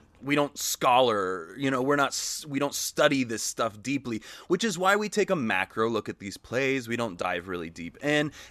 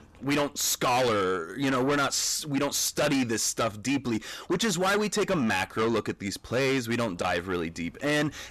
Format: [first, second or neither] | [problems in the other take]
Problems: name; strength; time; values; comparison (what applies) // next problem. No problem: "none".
first | distortion; heavy; 6 dB below the speech